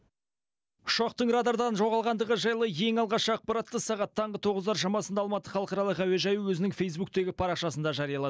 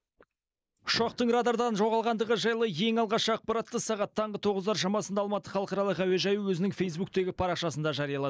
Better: first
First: none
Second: noise reduction (neural mask model Resemble Enhance denoiser)

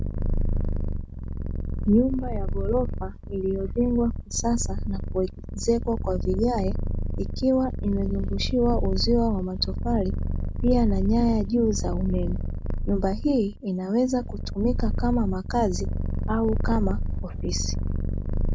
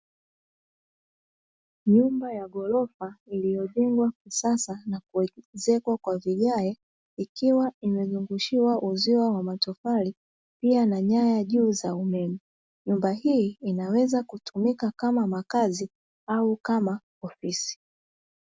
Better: second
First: background sound (Purr); as loud as the speech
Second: none

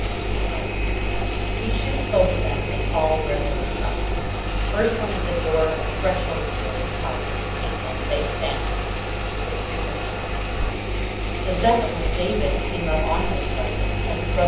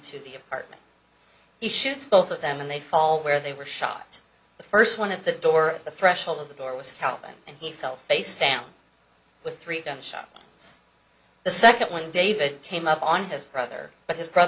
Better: second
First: background sound (Engine); 3 dB above the speech // room echo; dies away in 0.8 s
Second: none

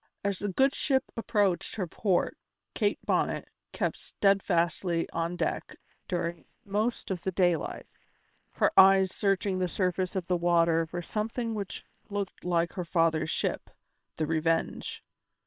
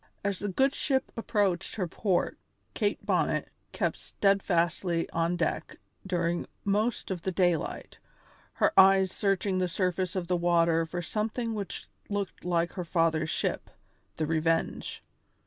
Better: second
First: noise reduction (neural separator model SepFormer WHAM!)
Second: none

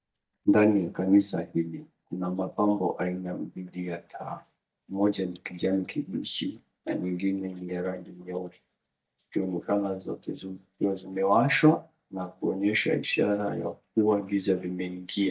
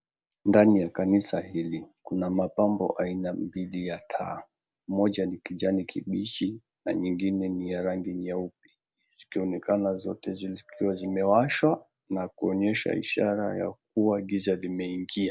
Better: second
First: noise reduction (neural mask model DeepFilterNet 3)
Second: none

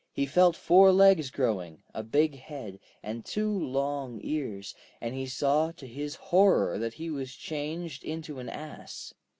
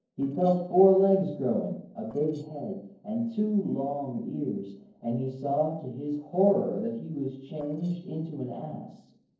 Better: first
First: none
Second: noise reduction (neural separator model SepFormer DNS4)

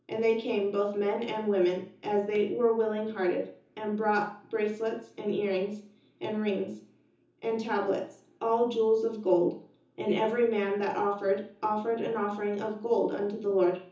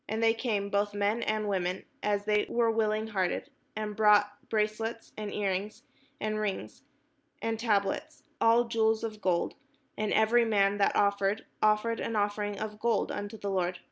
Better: second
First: room echo; dies away in 0.6 s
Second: none

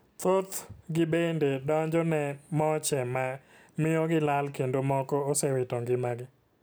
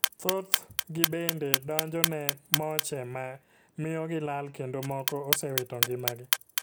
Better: first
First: none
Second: background sound (Clock); 2 dB above the speech

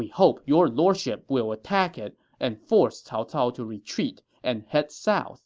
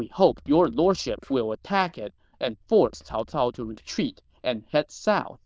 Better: first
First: none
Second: noise reduction (neural diffusion model UNIVERSE++)

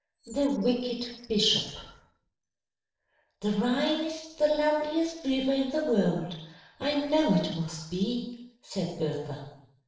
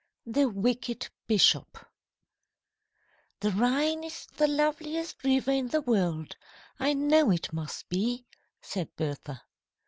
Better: second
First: noise reduction (neural separator model SepFormer DNS4)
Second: none

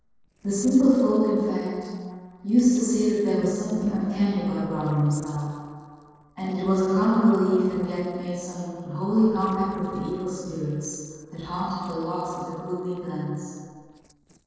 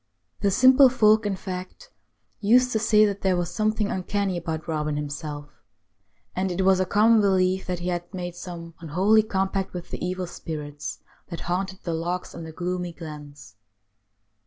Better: second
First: noise reduction (neural separator model SepFormer DNS4)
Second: none

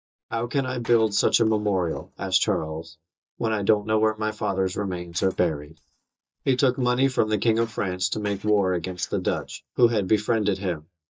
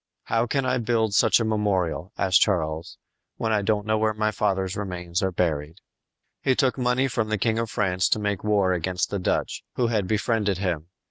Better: second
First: noise reduction (neural mask model DeepFilterNet 3)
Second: none

